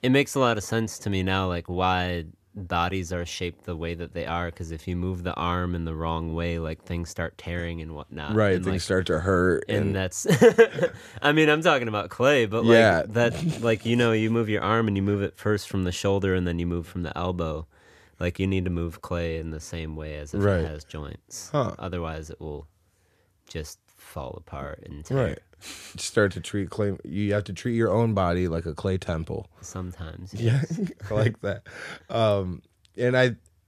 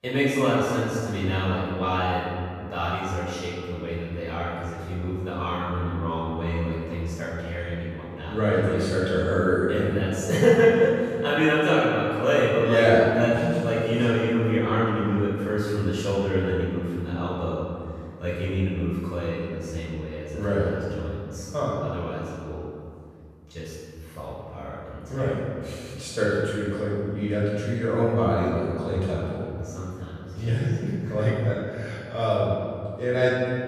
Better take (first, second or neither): first